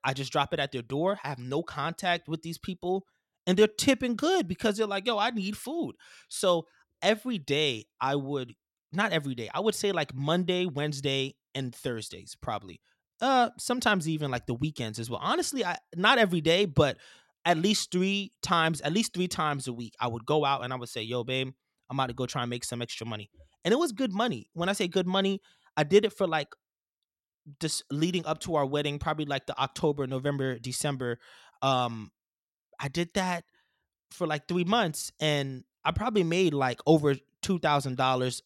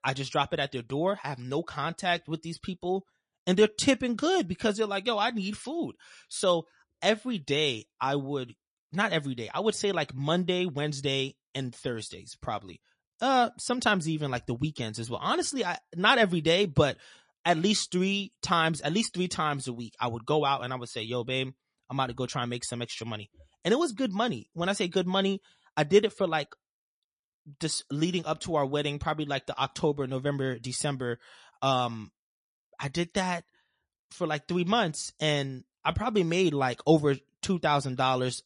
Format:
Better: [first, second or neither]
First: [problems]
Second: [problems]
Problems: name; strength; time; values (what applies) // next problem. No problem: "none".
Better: first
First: none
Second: garbled, watery; slightly; nothing above 10.5 kHz